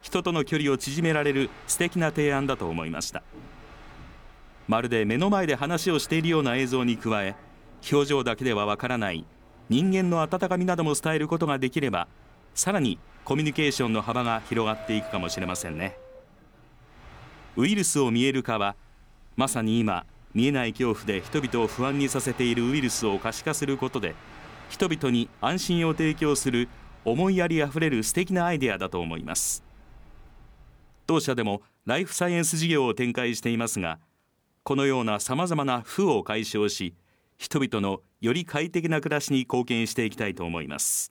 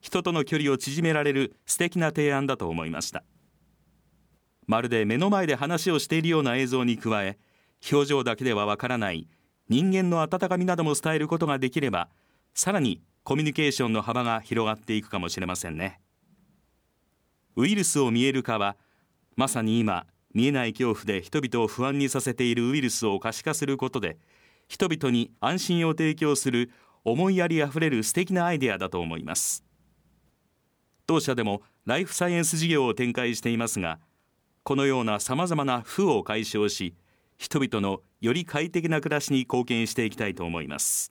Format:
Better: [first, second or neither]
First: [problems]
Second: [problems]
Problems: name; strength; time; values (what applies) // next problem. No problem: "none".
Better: second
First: train or aircraft noise; faint; until 31 s; 20 dB below the speech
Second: none